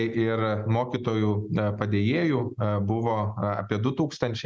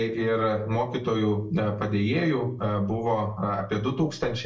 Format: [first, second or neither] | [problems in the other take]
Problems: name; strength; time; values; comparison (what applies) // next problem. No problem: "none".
first | room echo; dies away in 0.3 s